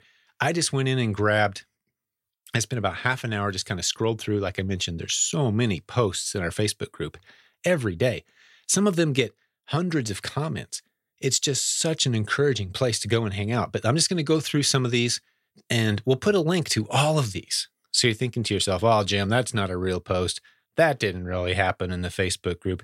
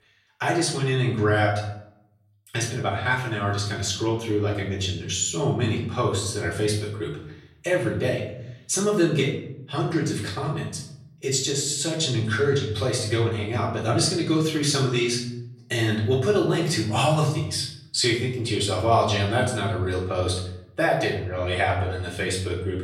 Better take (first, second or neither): first